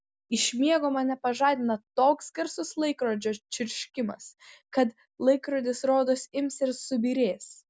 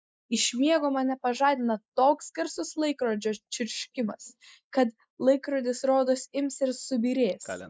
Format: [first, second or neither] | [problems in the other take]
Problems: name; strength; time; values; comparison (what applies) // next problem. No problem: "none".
first | noise reduction (neural mask model Resemble Enhance denoiser)